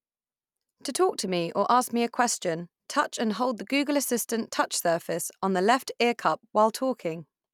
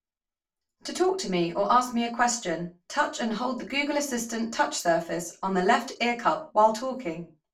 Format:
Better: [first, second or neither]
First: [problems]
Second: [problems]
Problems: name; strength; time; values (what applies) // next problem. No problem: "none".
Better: first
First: none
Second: room echo; dies away in 0.3 s